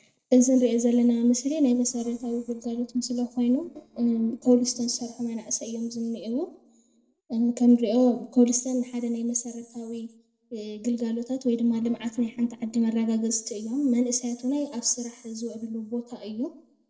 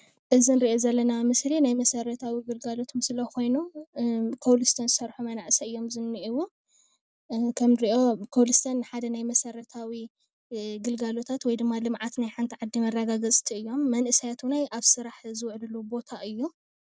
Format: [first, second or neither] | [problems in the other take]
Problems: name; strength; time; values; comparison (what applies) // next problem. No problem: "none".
second | noise reduction (neural separator model SepFormer DNS4)